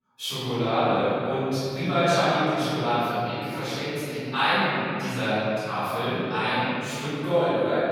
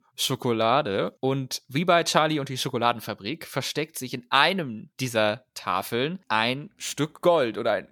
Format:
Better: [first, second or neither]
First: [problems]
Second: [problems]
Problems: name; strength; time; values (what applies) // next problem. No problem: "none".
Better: second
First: room echo; strong; dies away in 2.9 s // off-mic speech; far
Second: none